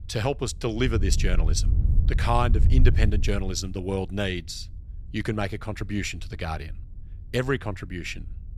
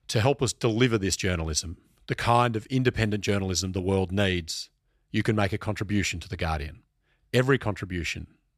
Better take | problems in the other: second | wind noise on the microphone; occasional gusts; 10 dB below the speech

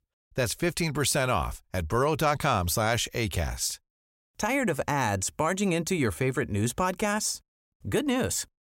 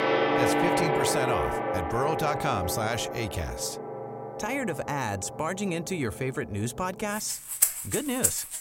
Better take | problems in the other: first | background music; very loud; throughout; 3 dB above the speech

